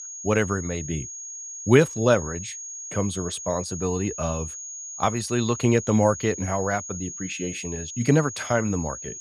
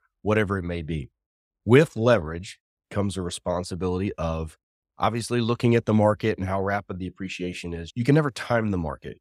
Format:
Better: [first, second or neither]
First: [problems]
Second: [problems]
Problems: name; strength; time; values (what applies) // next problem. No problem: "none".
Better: second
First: high-pitched whine; loud; throughout; 6.5 kHz, 9 dB below the speech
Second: none